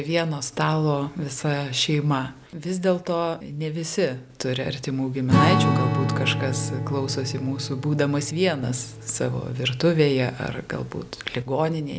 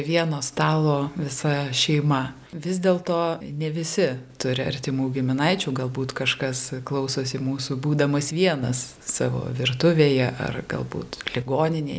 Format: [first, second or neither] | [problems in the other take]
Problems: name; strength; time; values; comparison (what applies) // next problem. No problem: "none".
second | background sound (Strum); 5 dB below the speech